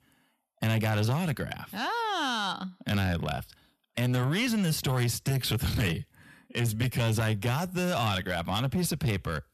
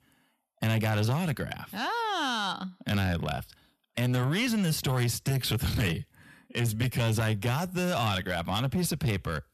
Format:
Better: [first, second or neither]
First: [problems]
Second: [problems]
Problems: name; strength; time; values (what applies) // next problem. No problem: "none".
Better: neither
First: distortion; slight; 10 dB below the speech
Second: distortion; slight; 10 dB below the speech